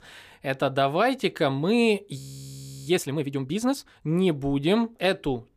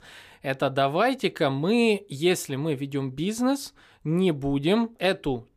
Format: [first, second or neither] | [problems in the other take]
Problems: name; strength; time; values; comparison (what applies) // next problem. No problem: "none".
second | audio freezing; at 2 s for 0.5 s